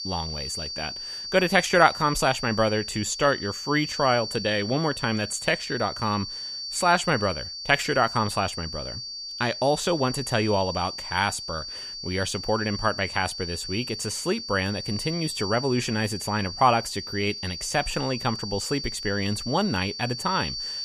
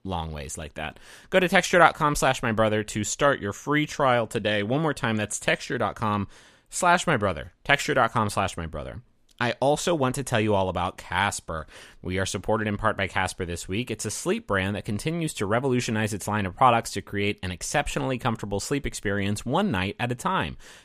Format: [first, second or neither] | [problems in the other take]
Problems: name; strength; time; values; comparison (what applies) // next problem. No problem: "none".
second | high-pitched whine; loud; throughout; 4.5 kHz, 7 dB below the speech